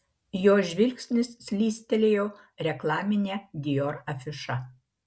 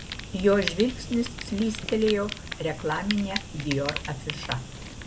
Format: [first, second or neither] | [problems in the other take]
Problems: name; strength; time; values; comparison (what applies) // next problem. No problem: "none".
first | background sound (Fire); 8 dB below the speech